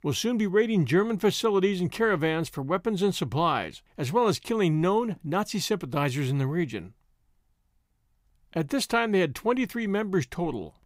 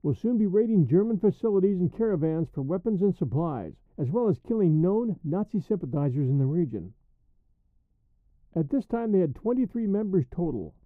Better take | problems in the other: first | muffled; very; fading above 1 kHz

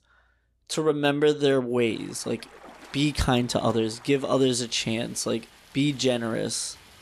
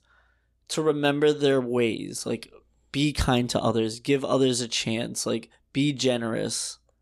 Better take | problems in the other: second | rain or running water; faint; from 2 s on; 25 dB below the speech

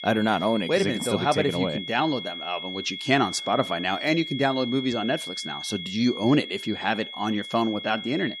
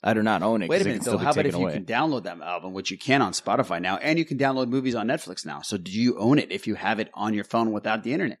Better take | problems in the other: second | high-pitched whine; loud; throughout; 3.5 kHz, 8 dB below the speech

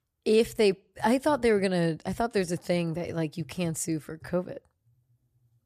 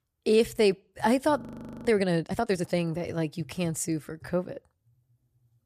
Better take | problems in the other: first | audio freezing; at 1.5 s

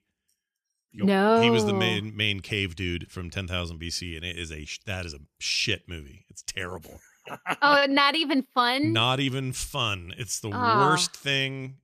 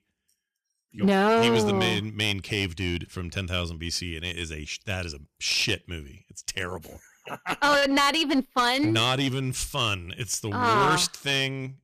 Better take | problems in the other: first | distortion; slight; 6% of the sound clipped

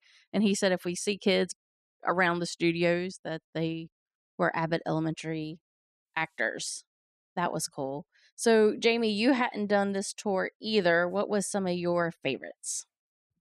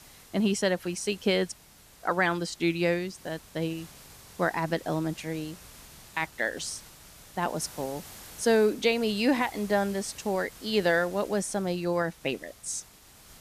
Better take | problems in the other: first | hiss; noticeable; throughout; 20 dB below the speech

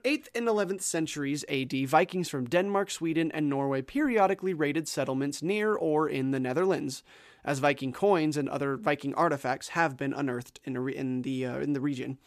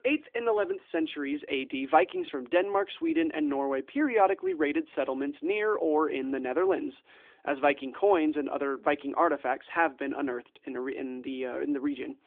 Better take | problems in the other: first | phone-call audio; nothing above 3.5 kHz

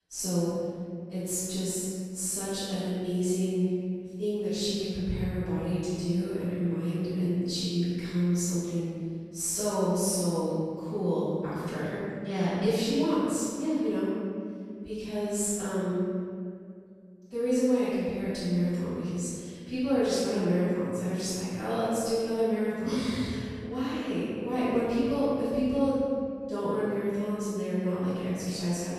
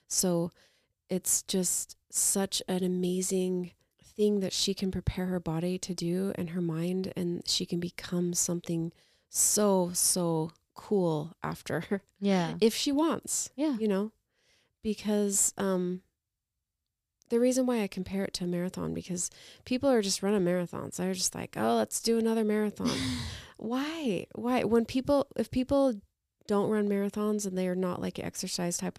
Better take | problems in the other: second | off-mic speech; far // room echo; strong; dies away in 2.1 s

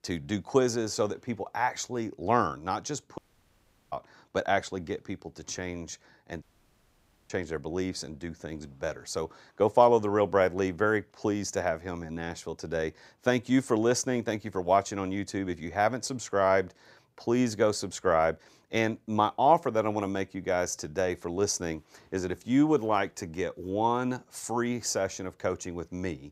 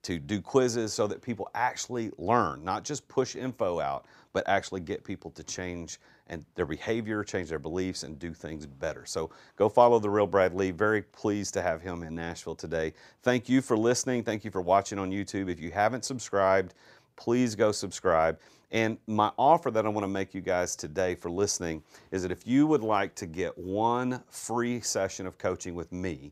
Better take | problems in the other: second | audio cutting out; at 3 s for 0.5 s and at 6.5 s for 1 s

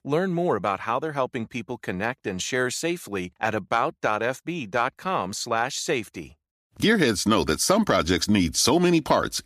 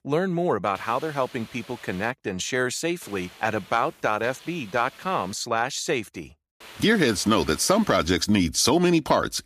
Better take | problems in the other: first | hiss; faint; from 1 to 2 s, from 3 to 5.5 s and from 6.5 to 8.5 s; 20 dB below the speech

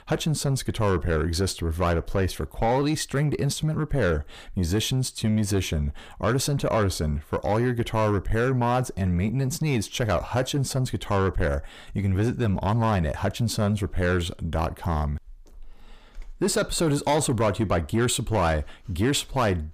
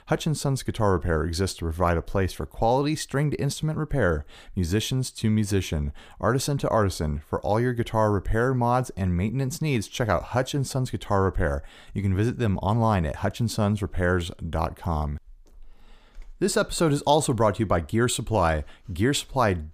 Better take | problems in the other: second | distortion; slight; 10 dB below the speech

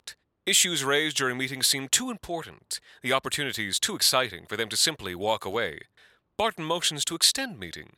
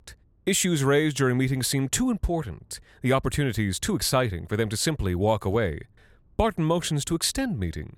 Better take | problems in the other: second | thin; somewhat; fading below 950 Hz

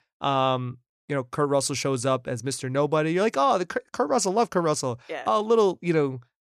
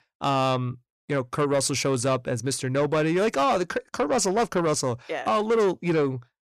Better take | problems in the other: first | distortion; slight; 10 dB below the speech

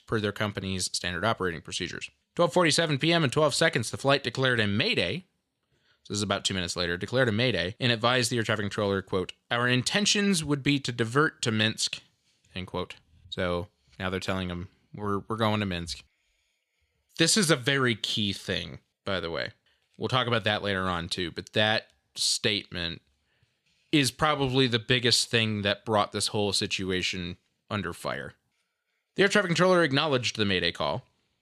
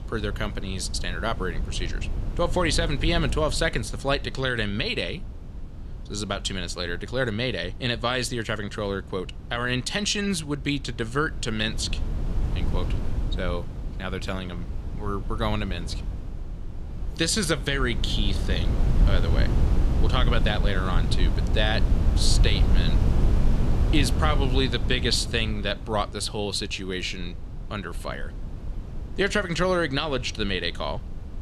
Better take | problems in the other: first | wind noise on the microphone; occasional gusts; 15 dB below the speech

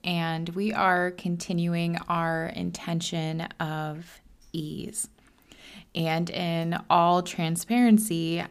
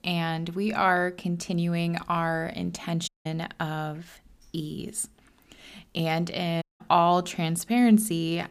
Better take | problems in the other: first | audio cutting out; at 3 s and at 6.5 s

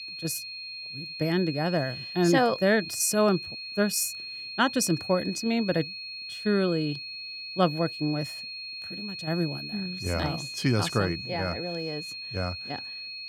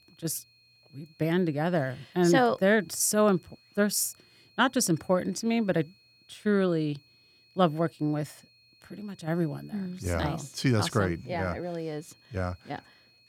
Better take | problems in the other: second | high-pitched whine; loud; throughout; 4.5 kHz, 8 dB below the speech; faint in the second

